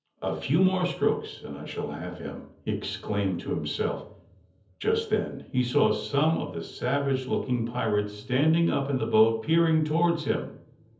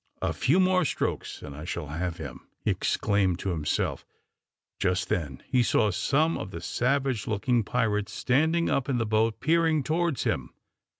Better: second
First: room echo; dies away in 0.7 s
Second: none

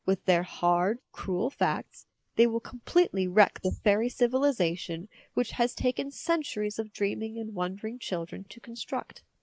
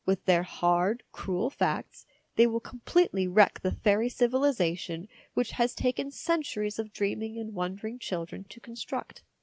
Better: second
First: noise reduction (neural mask model Resemble Enhance denoiser)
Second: none

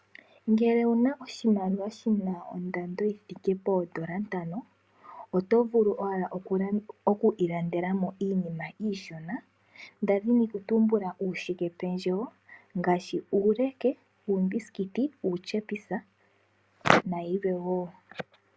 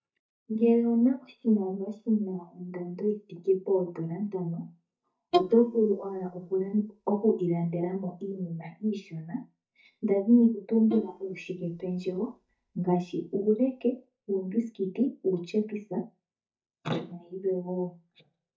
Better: first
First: none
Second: noise reduction (neural mask model DeepFilterNet 3)

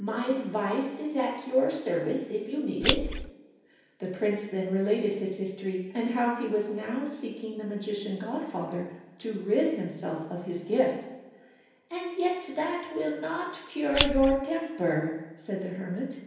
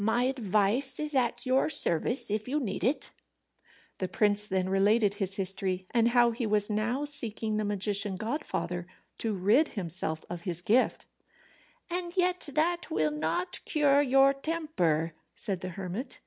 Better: second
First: background sound (Scissors); 2 dB above the speech // room echo; dies away in 0.9 s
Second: none

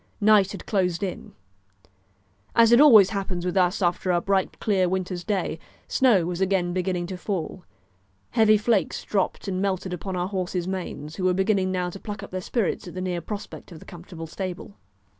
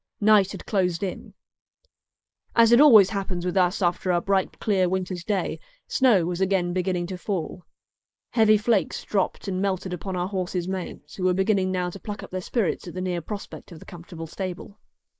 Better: first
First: none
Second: noise reduction (neural mask model Resemble Enhance denoiser)

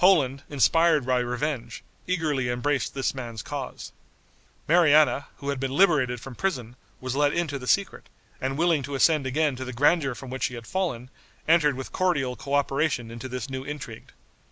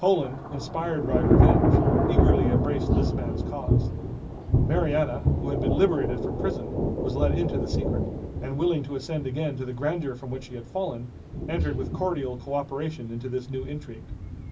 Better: first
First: none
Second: background sound (Thunder / Rain); 3 dB above the speech // room echo; dies away in 0.4 s

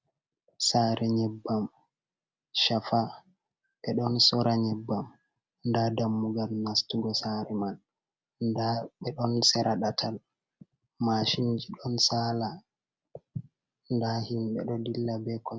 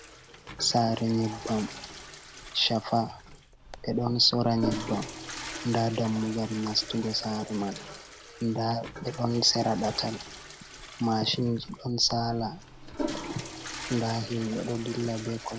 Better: first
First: none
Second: background sound (Toilet flush / Water); 11 dB below the speech

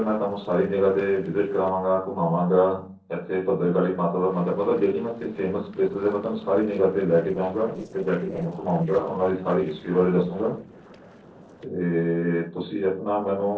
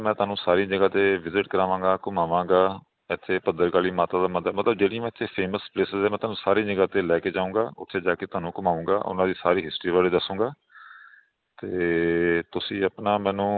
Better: second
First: noise reduction (neural separator model SepFormer DNS4)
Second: none

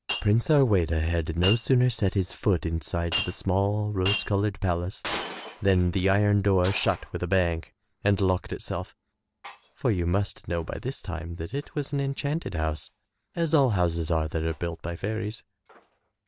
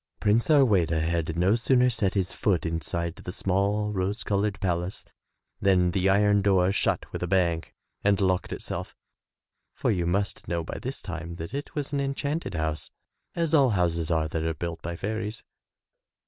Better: second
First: background sound (Shatter); 15 dB below the speech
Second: none

